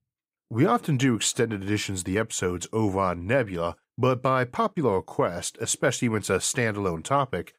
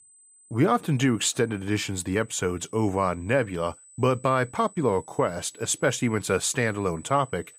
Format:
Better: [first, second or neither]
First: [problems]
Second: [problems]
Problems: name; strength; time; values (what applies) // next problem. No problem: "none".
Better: first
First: none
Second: high-pitched whine; faint; throughout; 8 kHz, 25 dB below the speech